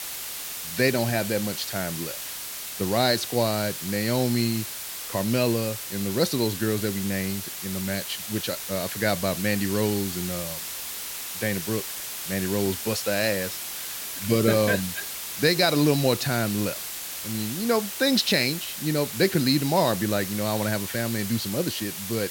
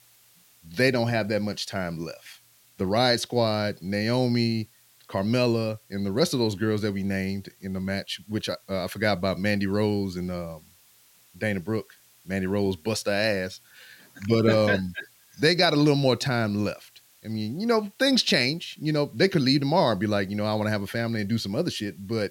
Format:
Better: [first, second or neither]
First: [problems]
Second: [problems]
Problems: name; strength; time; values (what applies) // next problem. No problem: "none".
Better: second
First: hiss; loud; throughout; 6 dB below the speech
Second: hiss; faint; throughout; 30 dB below the speech